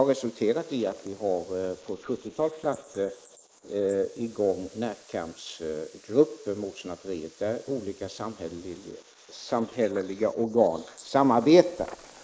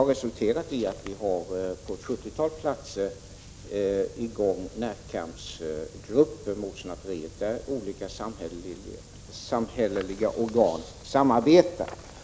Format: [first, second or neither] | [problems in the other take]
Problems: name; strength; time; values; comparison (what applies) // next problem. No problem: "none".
second | noise reduction (neural mask model Resemble Enhance denoiser)